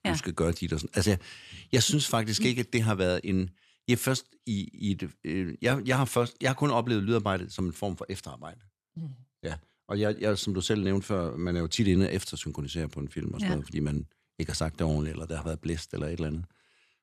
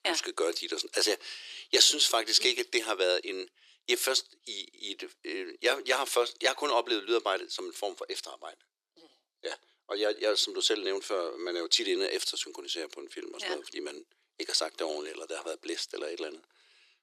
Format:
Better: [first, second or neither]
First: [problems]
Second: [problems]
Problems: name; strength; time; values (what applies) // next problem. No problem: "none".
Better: first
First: none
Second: thin; very; fading below 350 Hz